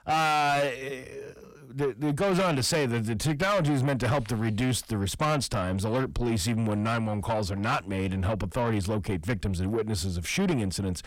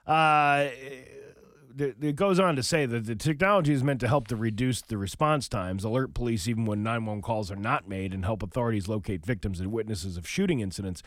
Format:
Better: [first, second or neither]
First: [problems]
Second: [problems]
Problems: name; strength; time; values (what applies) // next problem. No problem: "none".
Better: second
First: distortion; heavy; 7 dB below the speech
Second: none